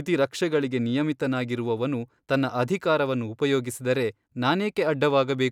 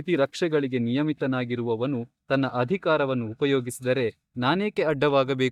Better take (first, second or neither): first